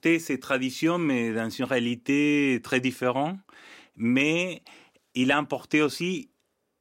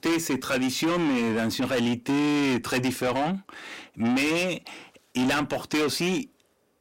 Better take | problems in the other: first | distortion; heavy; 6 dB below the speech

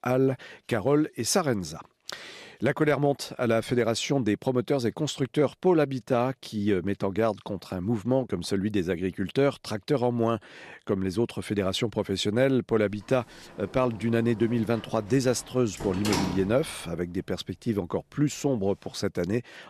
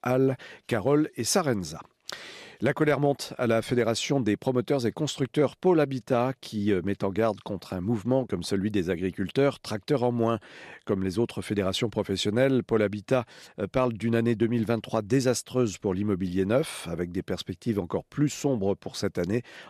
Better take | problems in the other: second | door banging; noticeable; from 13 to 17 s; peak 2 dB below the speech

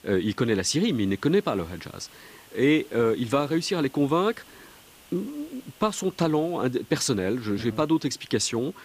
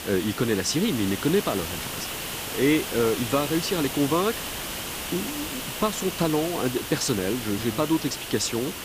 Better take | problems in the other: first | hiss; loud; throughout; 6 dB below the speech; faint in the first

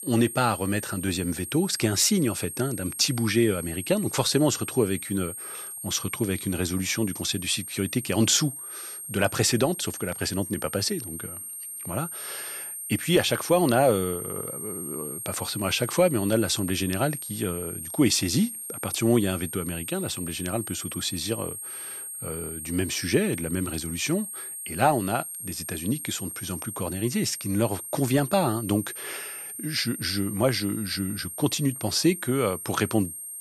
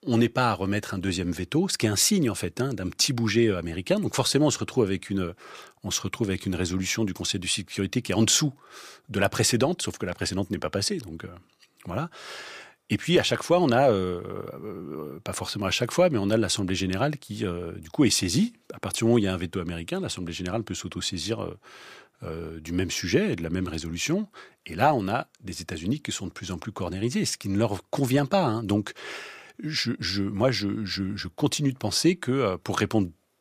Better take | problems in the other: second | high-pitched whine; loud; throughout; 8.5 kHz, 8 dB below the speech

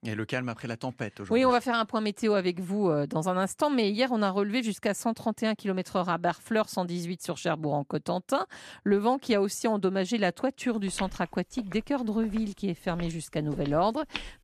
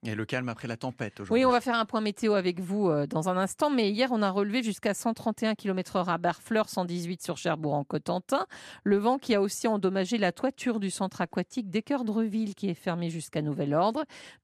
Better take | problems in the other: second | footsteps; noticeable; from 11 s on; peak 10 dB below the speech

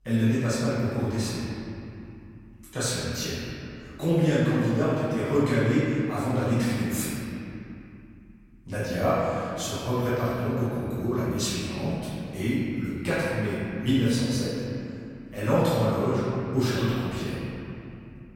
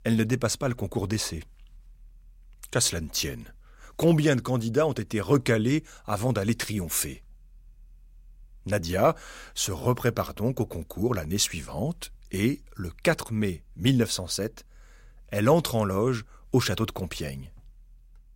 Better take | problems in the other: second | off-mic speech; far // room echo; strong; dies away in 2.9 s

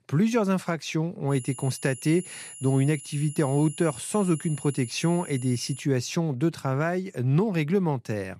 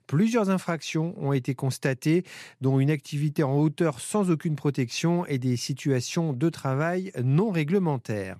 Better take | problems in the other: second | high-pitched whine; noticeable; from 1.5 to 6 s; 10.5 kHz, 15 dB below the speech

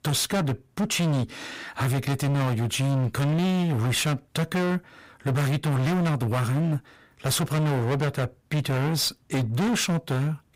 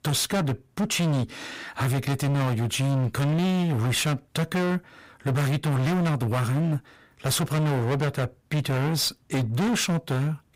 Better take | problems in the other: neither | distortion; heavy; 35% of the sound clipped; the same in both

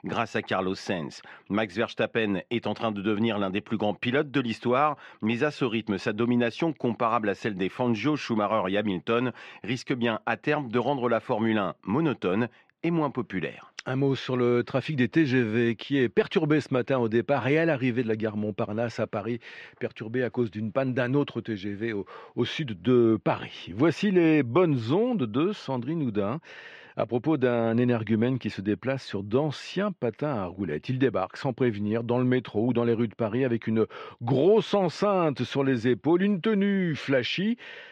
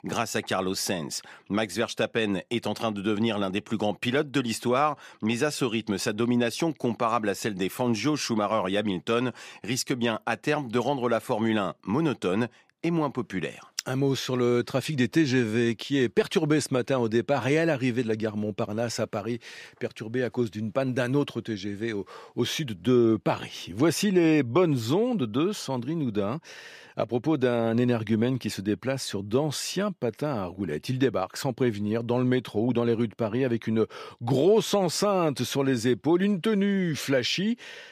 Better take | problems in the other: second | muffled; slightly; fading above 2.5 kHz

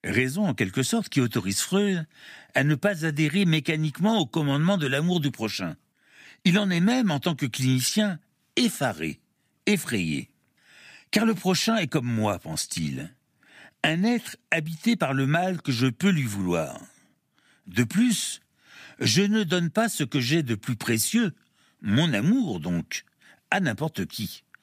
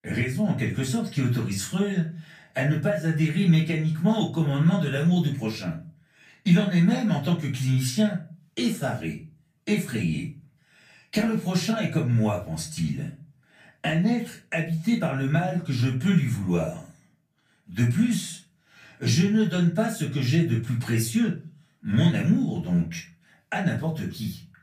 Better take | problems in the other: first | off-mic speech; far // room echo; slight; dies away in 0.3 s

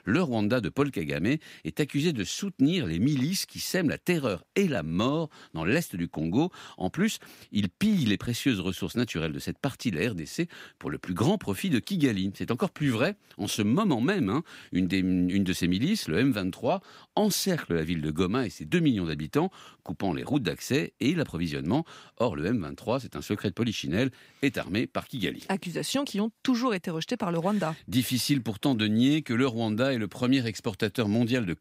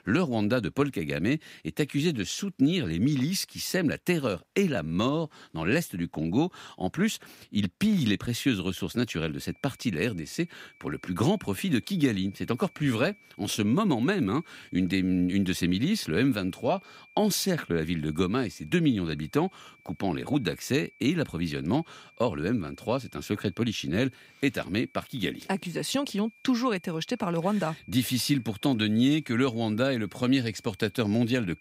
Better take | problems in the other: first | high-pitched whine; faint; from 9.5 s on; 2.5 kHz, 25 dB below the speech

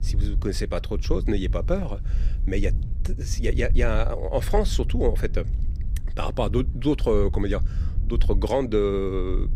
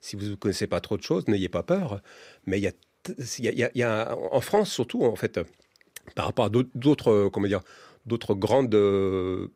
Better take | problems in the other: second | low rumble; noticeable; throughout; 20 dB below the speech

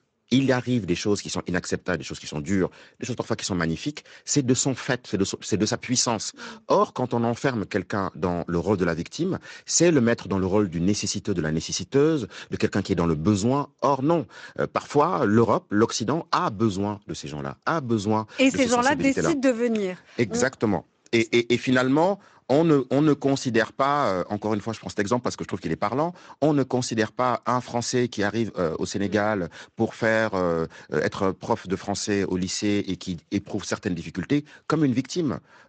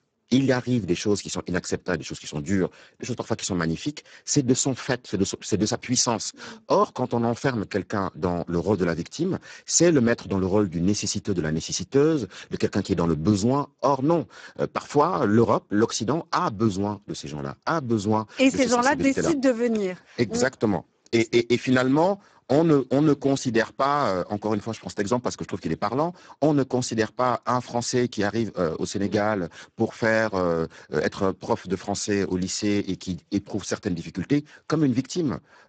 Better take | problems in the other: first | garbled, watery; badly; nothing above 7.5 kHz; slightly in the first

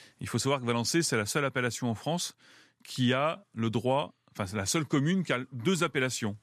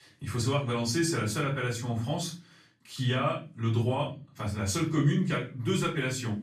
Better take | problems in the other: first | room echo; slight; dies away in 0.4 s // off-mic speech; far

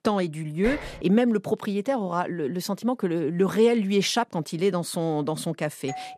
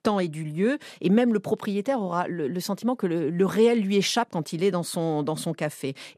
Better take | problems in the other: second | clattering dishes; noticeable; at 0.5 s; peak 9 dB below the speech // doorbell; very faint; at 6 s; peak 15 dB below the speech

